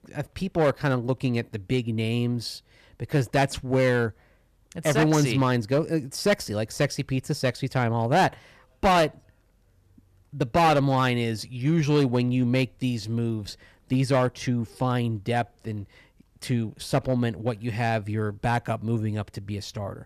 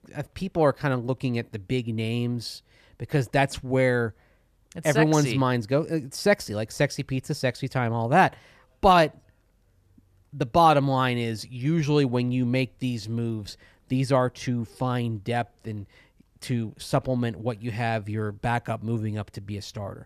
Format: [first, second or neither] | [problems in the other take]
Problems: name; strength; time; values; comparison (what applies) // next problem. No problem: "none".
second | distortion; slight; 4% of the sound clipped